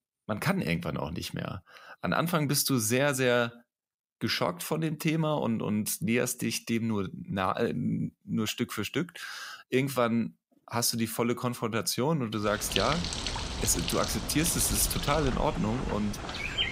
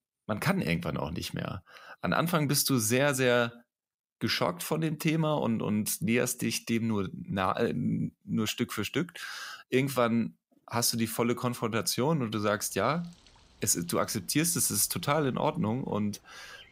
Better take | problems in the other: second | animal sounds; loud; from 13 s on; 5 dB below the speech; faint in the second

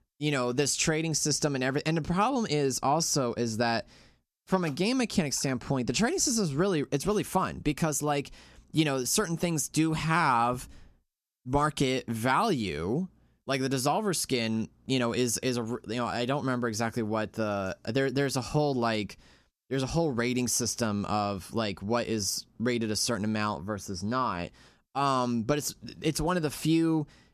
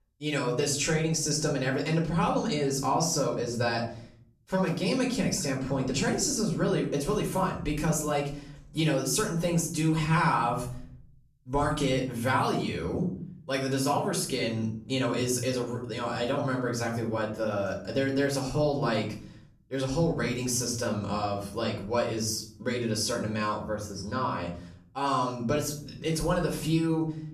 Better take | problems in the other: first | off-mic speech; far // room echo; slight; dies away in 0.5 s

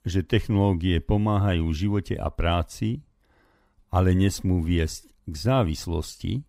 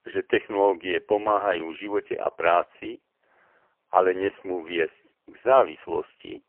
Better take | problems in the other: first | phone-call audio; poor line; nothing above 3 kHz

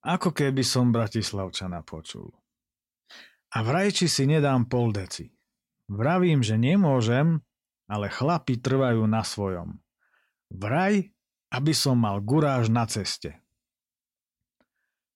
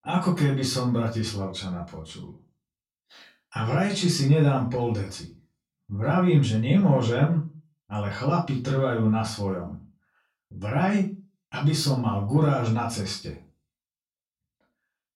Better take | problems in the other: first | off-mic speech; far // room echo; slight; dies away in 0.3 s

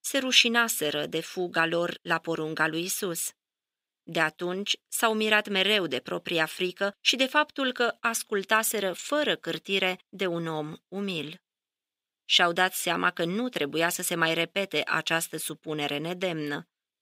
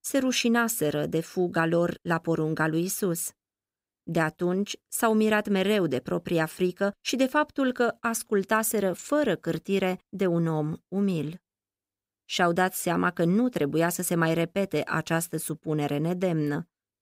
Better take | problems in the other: second | thin; very slightly; fading below 800 Hz

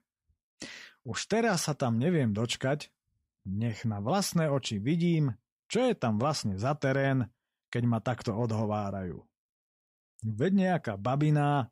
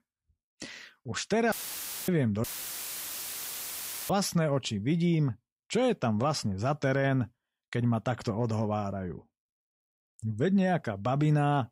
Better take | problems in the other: first | audio cutting out; filled with static; at 1.5 s for 0.5 s and at 2.5 s for 1.5 s

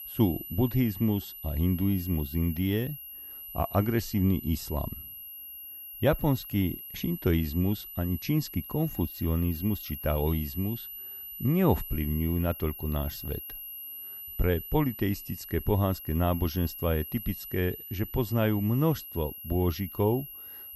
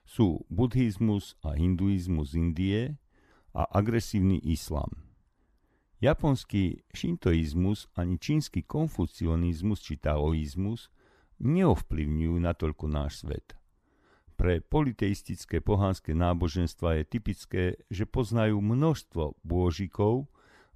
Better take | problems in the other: second | high-pitched whine; loud; throughout; 12 kHz, 10 dB below the speech

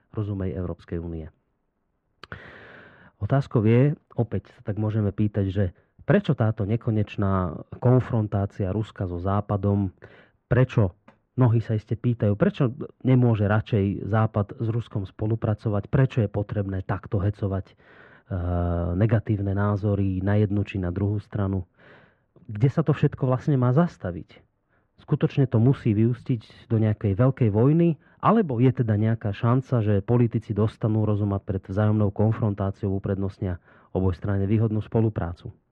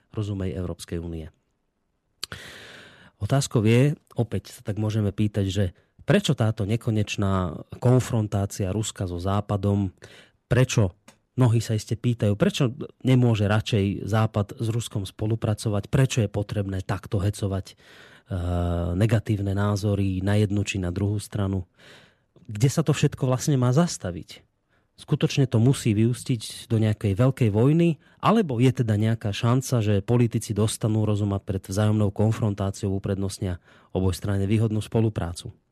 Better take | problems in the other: second | muffled; very; fading above 1.5 kHz

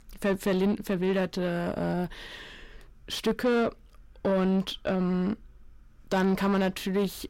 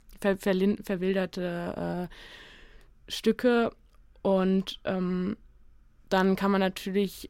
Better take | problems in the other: second | distortion; slight; 10 dB below the speech

